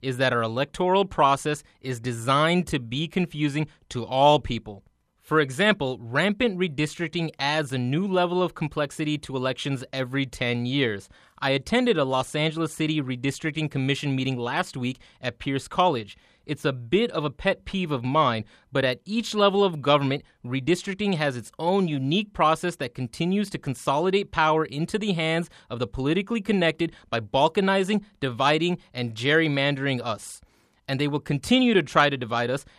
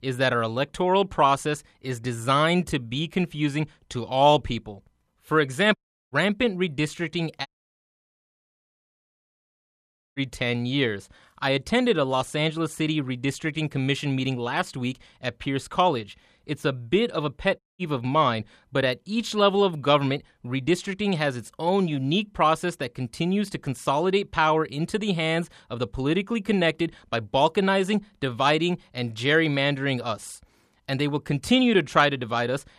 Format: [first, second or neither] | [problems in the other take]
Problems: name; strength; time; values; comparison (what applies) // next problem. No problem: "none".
first | audio cutting out; at 6 s, at 7.5 s for 2.5 s and at 18 s